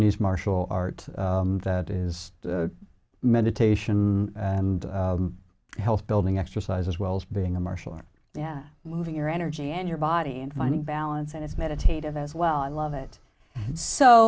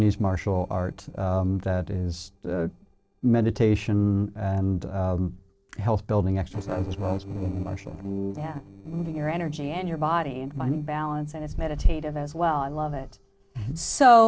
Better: first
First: none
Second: noise reduction (neural separator model SepFormer DNS4)

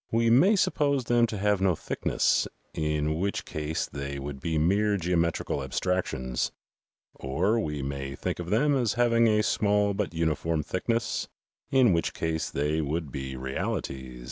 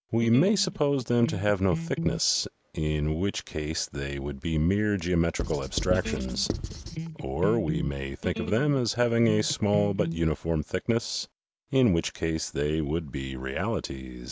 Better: first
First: none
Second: background sound (Writing + Electric guitar); 7 dB below the speech

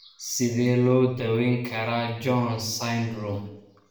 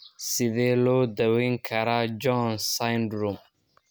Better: second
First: room echo; dies away in 0.8 s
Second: none

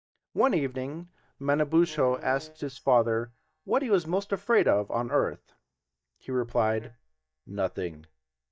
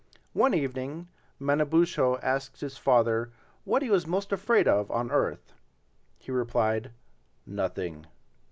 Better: second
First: noise reduction (neural mask model DeepFilterNet 3)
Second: none

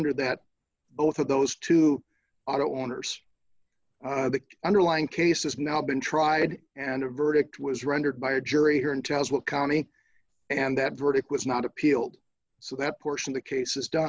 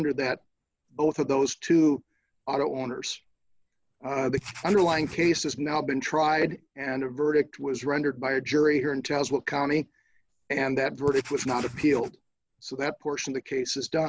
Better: first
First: none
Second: background sound (Writing); 12 dB below the speech

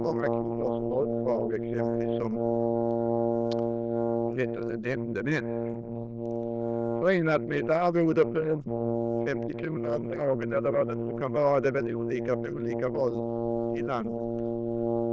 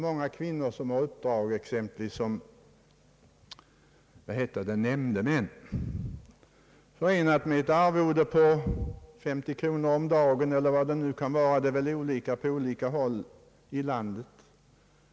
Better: second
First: noise reduction (neural diffusion model UNIVERSE++)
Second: none

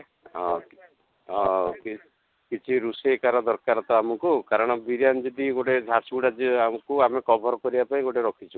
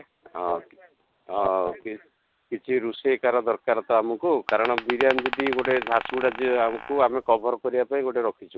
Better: first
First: none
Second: background sound (Glass); 8 dB below the speech

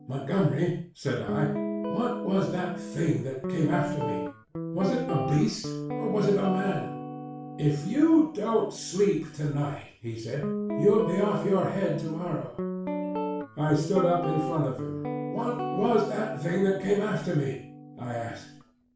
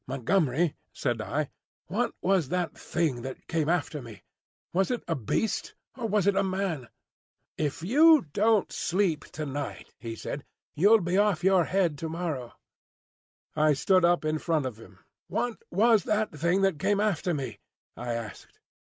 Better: second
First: background sound (Guitar); 6 dB below the speech // room echo; dies away in 0.4 s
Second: none

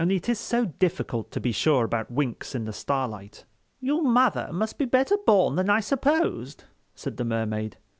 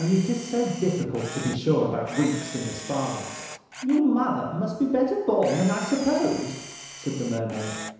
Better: first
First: none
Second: background sound (Camera); 14 dB below the speech // room echo; dies away in 1 s

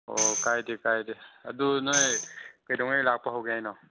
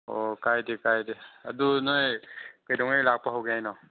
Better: second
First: background sound (Tambourine); 4 dB below the speech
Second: none

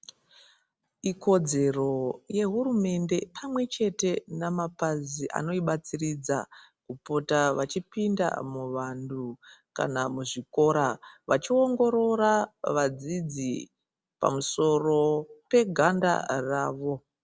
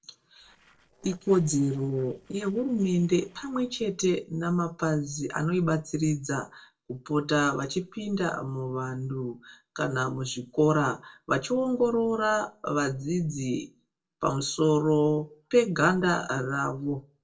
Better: first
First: none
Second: noise reduction (neural separator model SepFormer DNS4)

